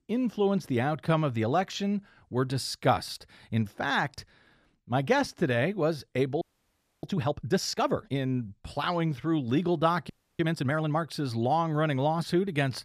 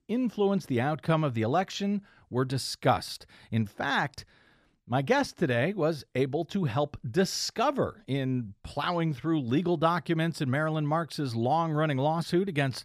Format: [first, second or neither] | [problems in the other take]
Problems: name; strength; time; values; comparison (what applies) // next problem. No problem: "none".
second | audio freezing; at 6.5 s for 0.5 s and at 10 s